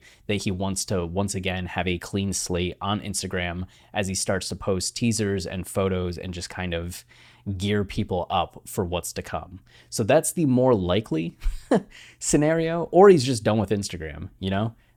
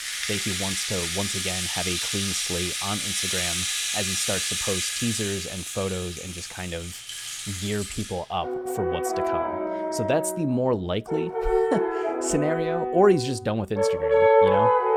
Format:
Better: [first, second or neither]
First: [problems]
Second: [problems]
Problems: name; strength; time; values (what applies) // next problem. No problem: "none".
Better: first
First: none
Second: background music; very loud; throughout; 3 dB above the speech